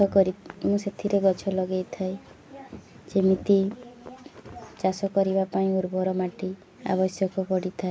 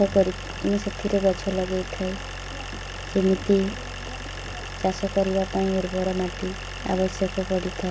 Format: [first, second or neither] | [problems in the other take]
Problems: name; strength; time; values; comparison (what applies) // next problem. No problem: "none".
first | background sound (Idling); 9 dB below the speech